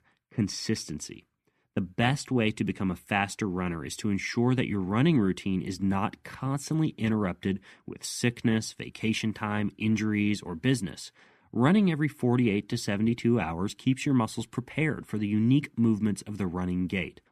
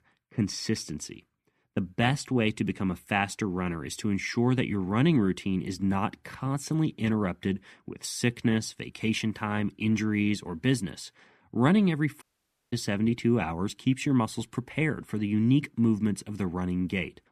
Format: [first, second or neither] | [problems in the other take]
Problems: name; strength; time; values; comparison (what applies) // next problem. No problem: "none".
first | audio cutting out; at 12 s for 0.5 s